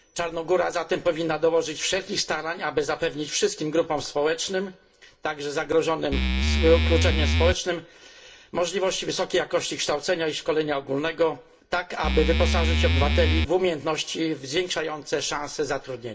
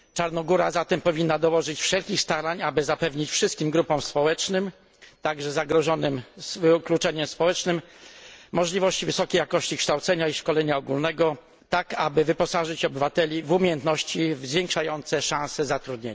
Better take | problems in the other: second | background sound (Musical instrument); 4 dB above the speech // room echo; dies away in 0.2 s

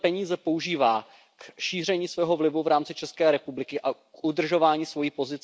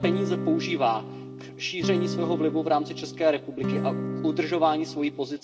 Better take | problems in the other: first | background sound (Acoustic guitar / Strum); 5 dB below the speech // room echo; dies away in 0.6 s

